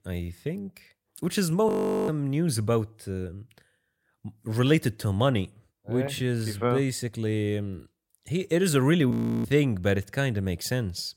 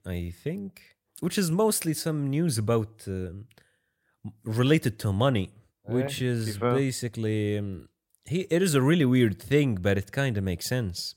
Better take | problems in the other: second | audio freezing; at 1.5 s and at 9 s

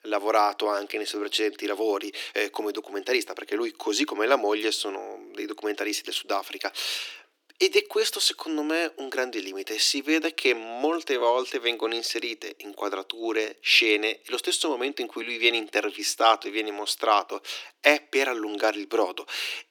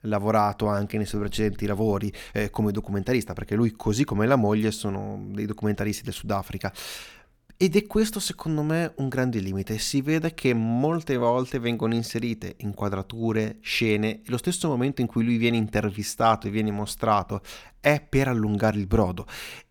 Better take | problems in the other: second | thin; very; fading below 300 Hz

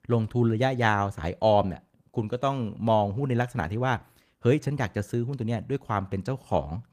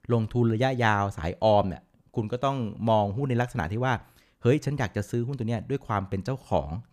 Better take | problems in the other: second | garbled, watery; slightly; nothing above 15 kHz

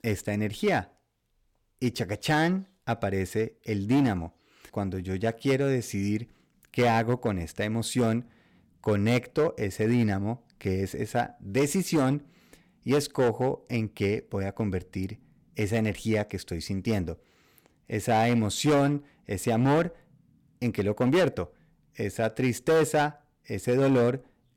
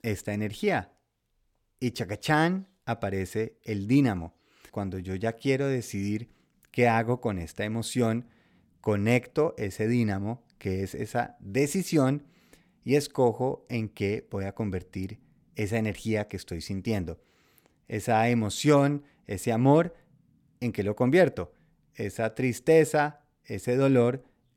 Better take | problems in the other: second | distortion; slight; 5% of the sound clipped

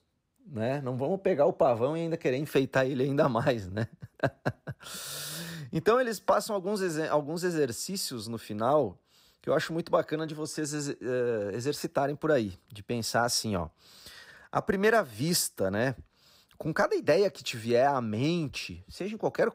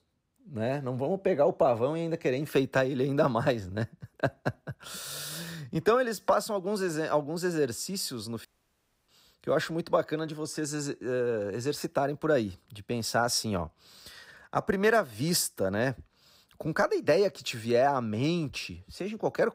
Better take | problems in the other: first | audio cutting out; at 8.5 s for 0.5 s

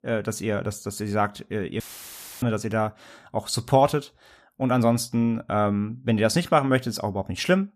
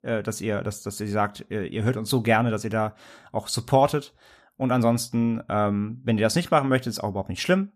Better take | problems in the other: second | audio cutting out; filled with static; at 2 s for 0.5 s

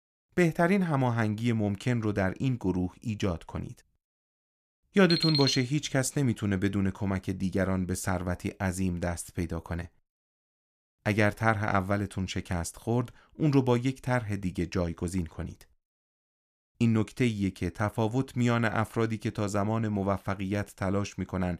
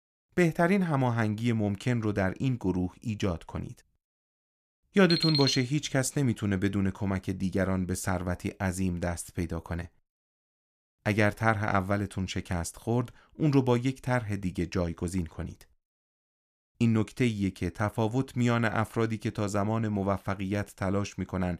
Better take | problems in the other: neither | alarm; loud; at 5 s; peak 2 dB above the speech; the same in both

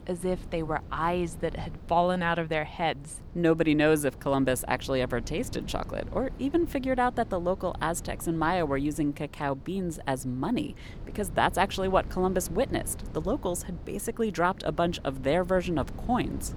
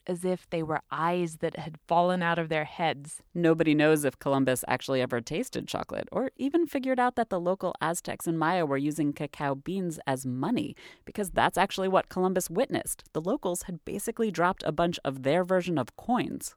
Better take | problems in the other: second | wind noise on the microphone; occasional gusts; 20 dB below the speech

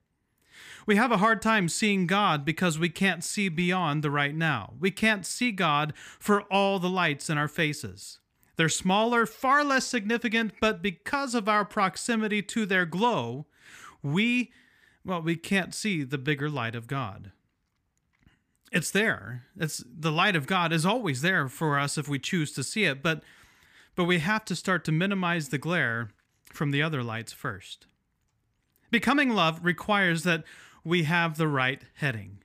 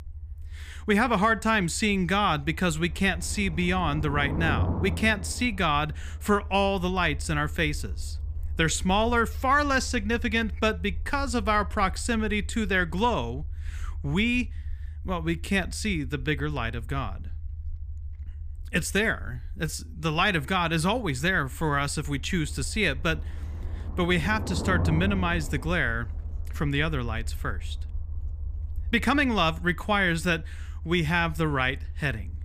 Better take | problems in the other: first | low rumble; faint; throughout; 20 dB below the speech

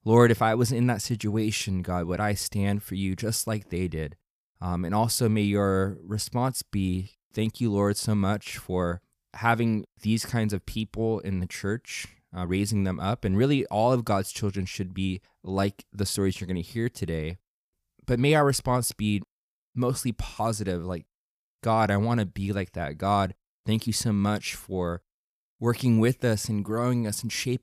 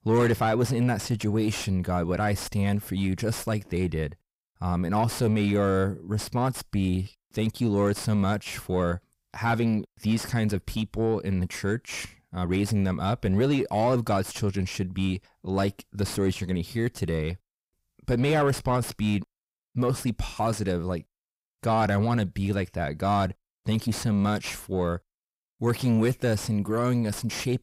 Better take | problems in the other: first | distortion; slight; 9 dB below the speech

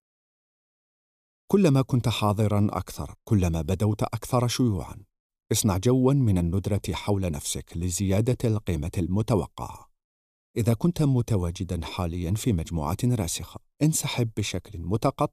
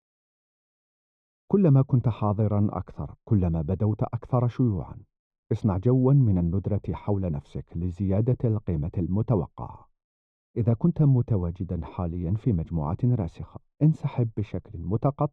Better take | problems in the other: first | muffled; very; fading above 1 kHz

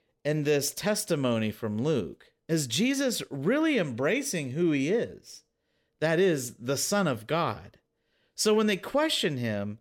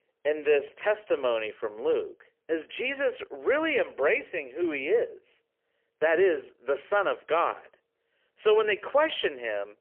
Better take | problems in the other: first | phone-call audio; poor line; nothing above 3.5 kHz

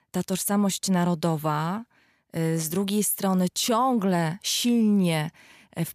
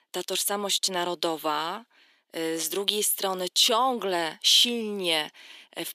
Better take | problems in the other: first | thin; somewhat; fading below 350 Hz

